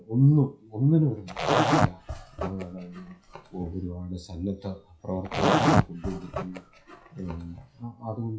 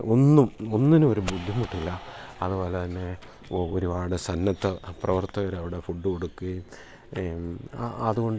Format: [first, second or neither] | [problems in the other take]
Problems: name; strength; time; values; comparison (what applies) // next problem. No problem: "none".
second | noise reduction (classical method WPE with log-MMSE)